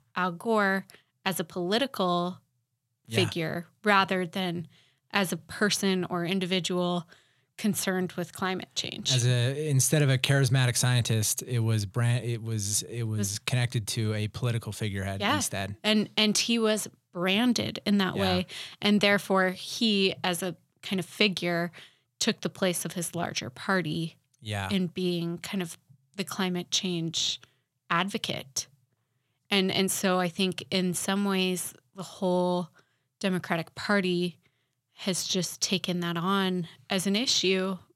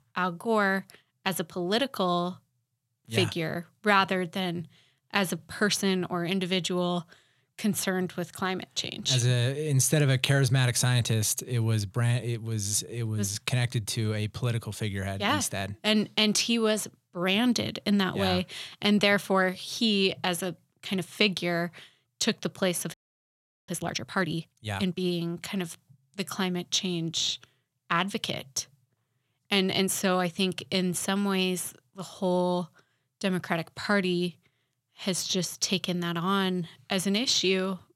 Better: first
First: none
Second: audio freezing; at 23 s for 0.5 s

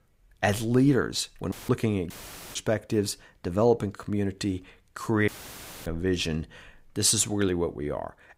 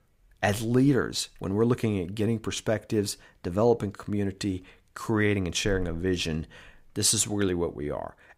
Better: second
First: audio cutting out; filled with static; at 1.5 s, at 2 s and at 5.5 s for 0.5 s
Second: none

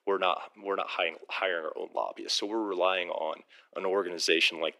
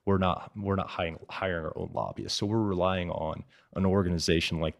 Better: second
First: thin; very; fading below 300 Hz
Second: none

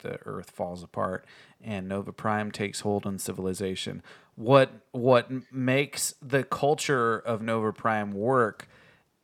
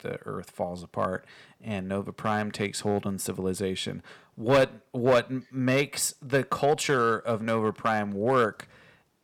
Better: first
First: none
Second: distortion; slight; 1.6% of the sound clipped

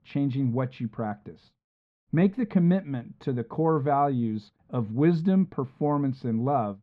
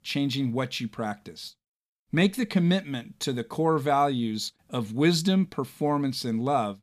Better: second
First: muffled; very; fading above 1.5 kHz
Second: none

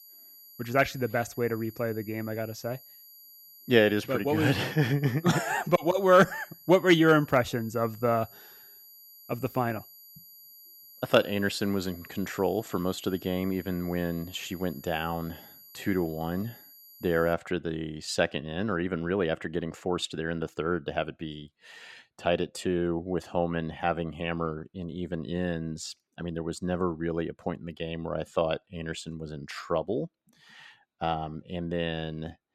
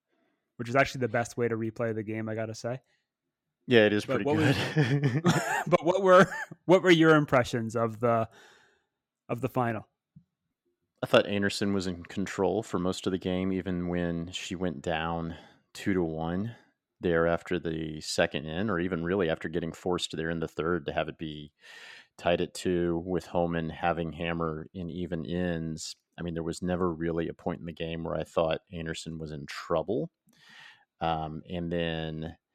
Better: second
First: high-pitched whine; noticeable; until 17 s; 12 kHz, 20 dB below the speech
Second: none

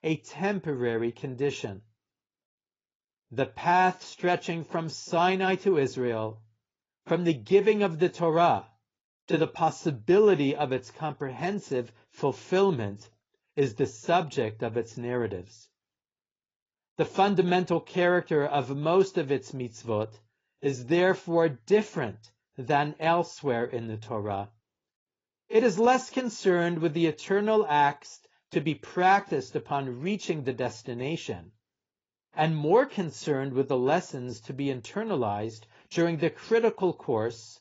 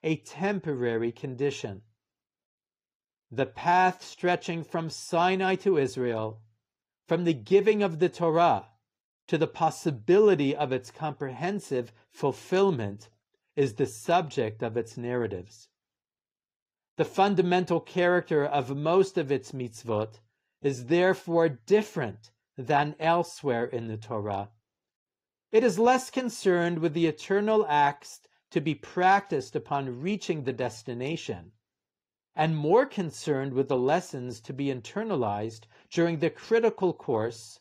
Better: second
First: garbled, watery; badly; nothing above 7.5 kHz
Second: garbled, watery; slightly; nothing above 15.5 kHz

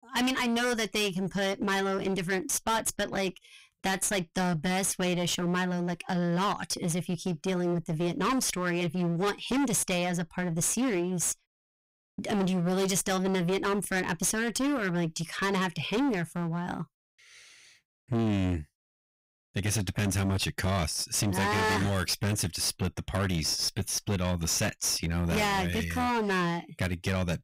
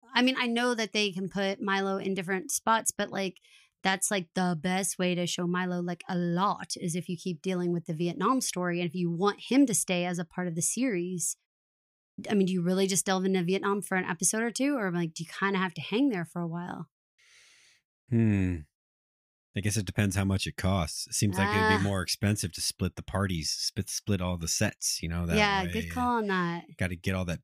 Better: second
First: distortion; heavy; 22% of the sound clipped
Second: none

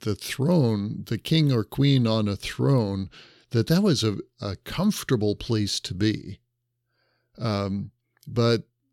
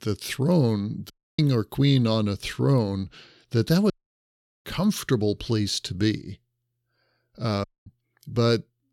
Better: first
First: none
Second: audio cutting out; at 1 s, at 4 s for 1 s and at 7.5 s

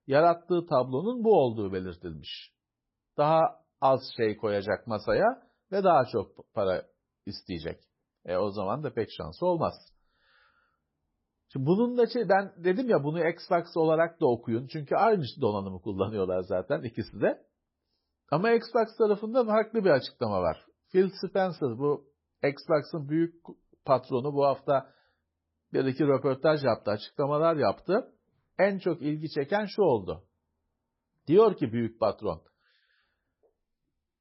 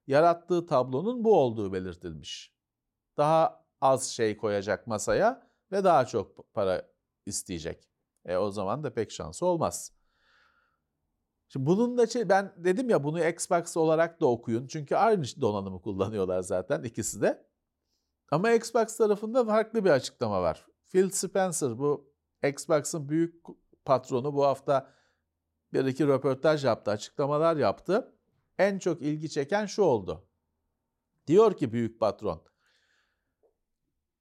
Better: second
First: garbled, watery; badly; nothing above 5.5 kHz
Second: none

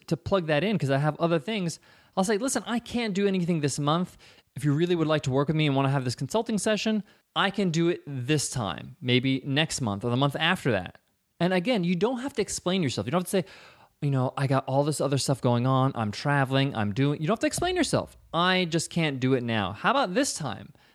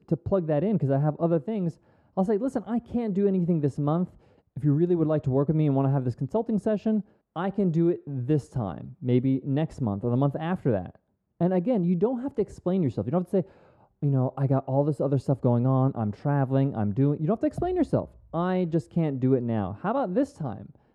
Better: first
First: none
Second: muffled; very; fading above 1.5 kHz

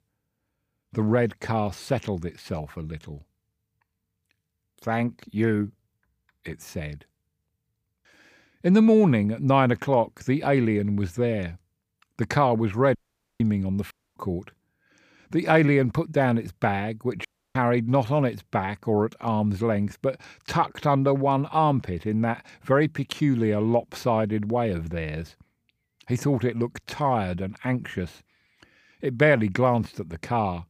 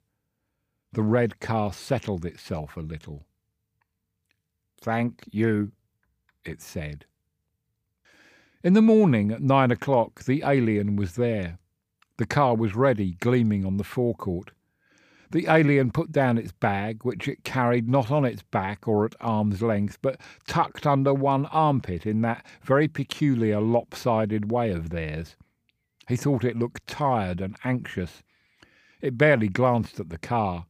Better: second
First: audio cutting out; at 13 s, at 14 s and at 17 s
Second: none

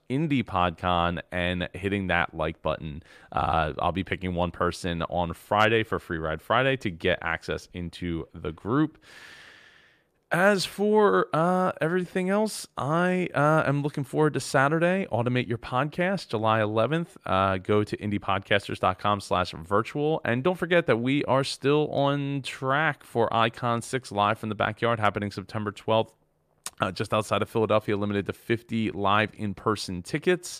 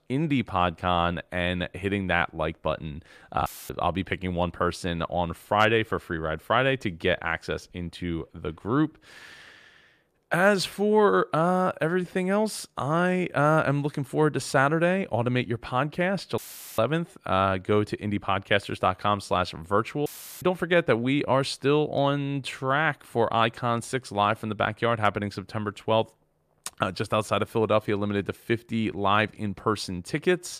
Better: first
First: none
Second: audio cutting out; filled with static; at 3.5 s, at 16 s and at 20 s

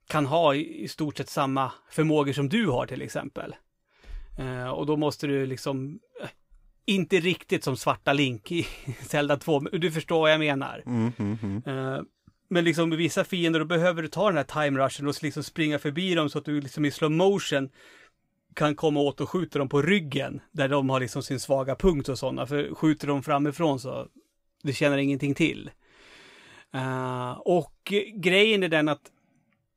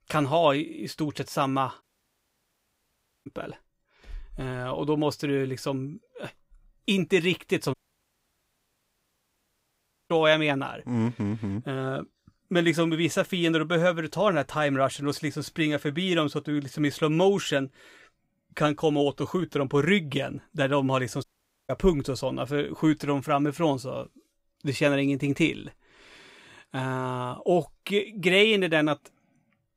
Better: first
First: none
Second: audio cutting out; at 2 s for 1.5 s, at 7.5 s for 2.5 s and at 21 s

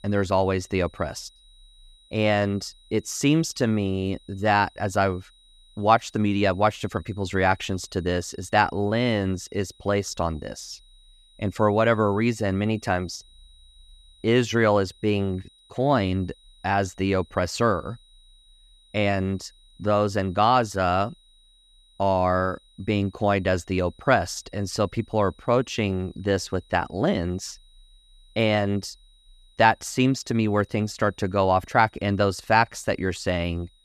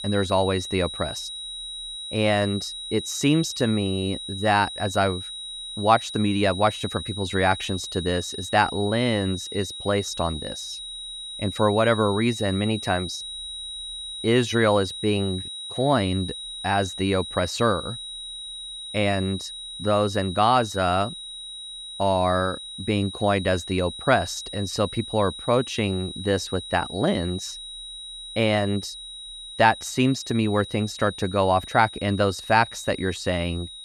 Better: first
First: high-pitched whine; faint; throughout; 4 kHz, 30 dB below the speech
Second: high-pitched whine; loud; throughout; 4 kHz, 9 dB below the speech

